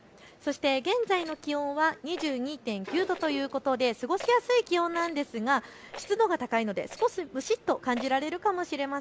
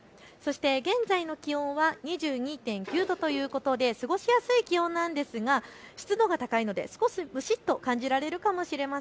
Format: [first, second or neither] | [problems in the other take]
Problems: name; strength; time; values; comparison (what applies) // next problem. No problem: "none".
second | background sound (Rattle); 20 dB below the speech